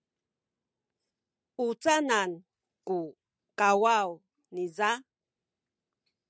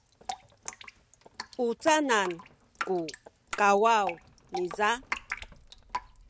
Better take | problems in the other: first | background sound (Drip); 11 dB below the speech

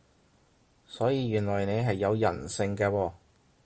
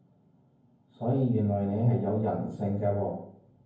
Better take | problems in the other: first | room echo; dies away in 0.9 s

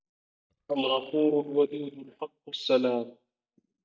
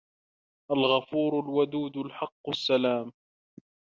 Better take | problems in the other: second | noise reduction (neural mask model DeepFilterNet 3)

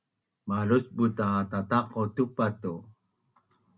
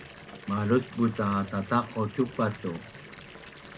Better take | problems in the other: first | background sound (Fill (with liquid) / Bathtub (filling or washing) / Water tap, faucet); 16 dB below the speech

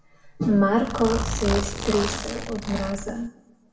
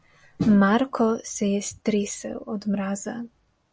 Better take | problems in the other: second | background sound (Zipper (clothing)); 4 dB below the speech // room echo; dies away in 0.6 s

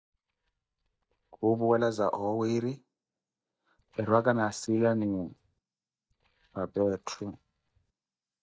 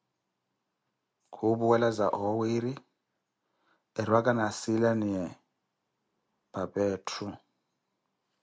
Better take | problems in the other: second | noise reduction (neural mask model DeepFilterNet 3)

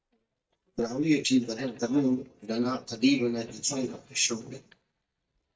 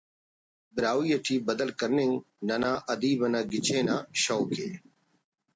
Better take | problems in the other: second | noise reduction (neural mask model DeepFilterNet 3)

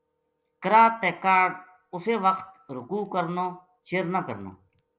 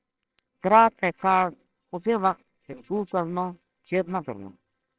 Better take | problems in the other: first | noise reduction (neural separator model SepFormer WHAMR!)

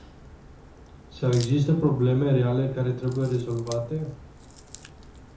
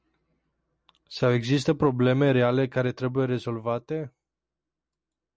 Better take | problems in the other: second | background sound (Crack); 19 dB below the speech // room echo; dies away in 0.6 s

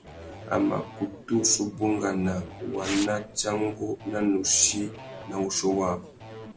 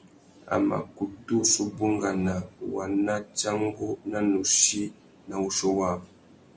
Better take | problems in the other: second | background sound (Tearing + Electric guitar / Bass guitar); 14 dB below the speech

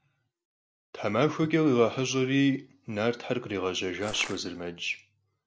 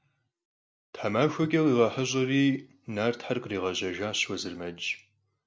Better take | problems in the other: second | background sound (Crushing); 12 dB below the speech

